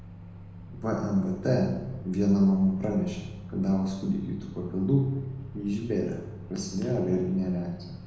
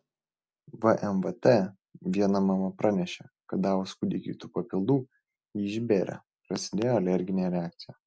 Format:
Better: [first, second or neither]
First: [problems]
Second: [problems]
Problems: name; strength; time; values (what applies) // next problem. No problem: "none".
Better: second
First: background sound (Microwave oven); 14 dB below the speech // room echo; dies away in 1 s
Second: none